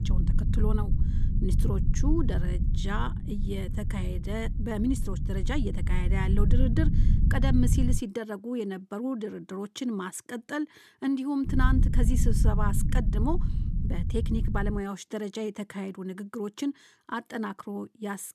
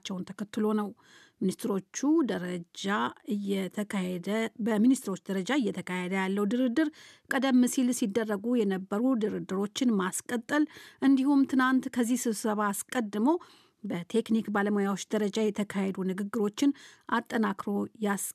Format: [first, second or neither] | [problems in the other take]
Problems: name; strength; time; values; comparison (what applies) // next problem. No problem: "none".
second | low rumble; loud; until 8 s and from 11 to 15 s; 7 dB below the speech